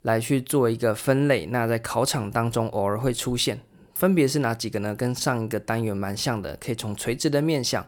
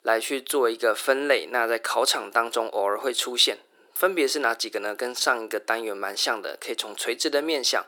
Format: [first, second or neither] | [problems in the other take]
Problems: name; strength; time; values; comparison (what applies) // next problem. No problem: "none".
first | thin; very; fading below 350 Hz